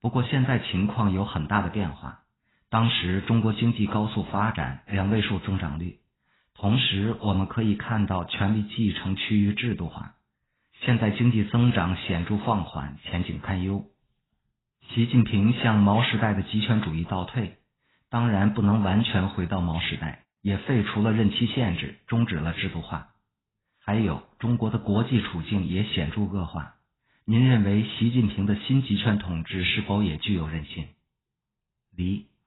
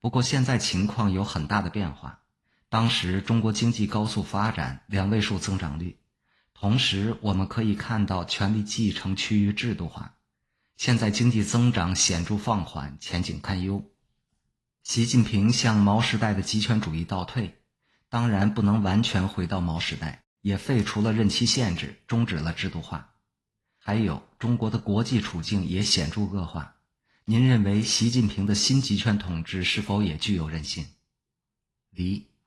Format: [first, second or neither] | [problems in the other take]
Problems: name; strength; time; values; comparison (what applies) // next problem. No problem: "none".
second | garbled, watery; badly; nothing above 4 kHz; slightly in the second